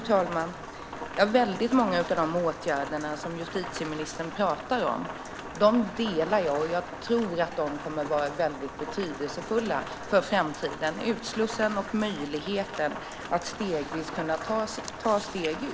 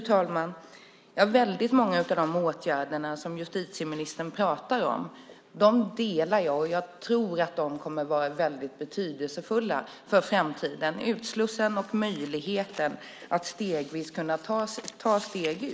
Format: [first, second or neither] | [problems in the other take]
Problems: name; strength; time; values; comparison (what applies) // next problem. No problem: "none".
second | background sound (Rain); 10 dB below the speech